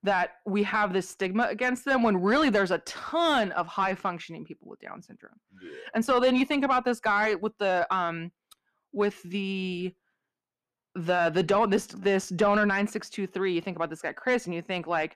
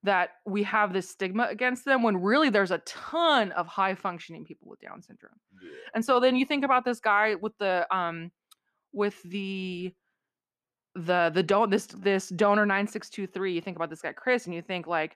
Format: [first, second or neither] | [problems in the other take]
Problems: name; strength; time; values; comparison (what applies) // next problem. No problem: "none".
second | distortion; slight; 10 dB below the speech